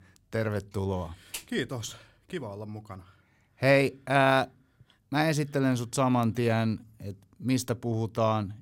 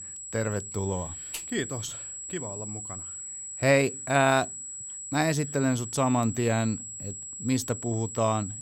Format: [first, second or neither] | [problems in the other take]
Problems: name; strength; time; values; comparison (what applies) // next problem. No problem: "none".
first | high-pitched whine; loud; throughout; 7.5 kHz, 8 dB below the speech